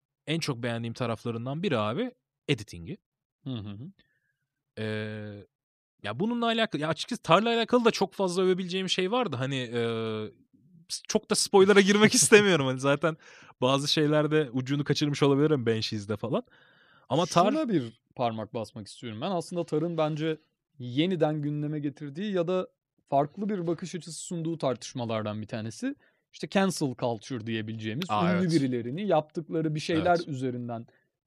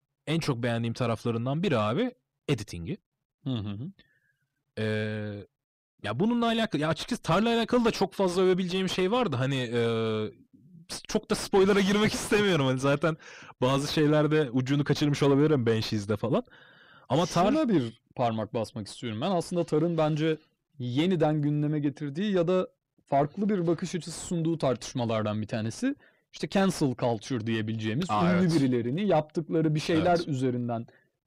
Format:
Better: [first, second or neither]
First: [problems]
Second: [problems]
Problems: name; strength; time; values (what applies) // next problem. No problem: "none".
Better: first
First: none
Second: distortion; heavy; 7 dB below the speech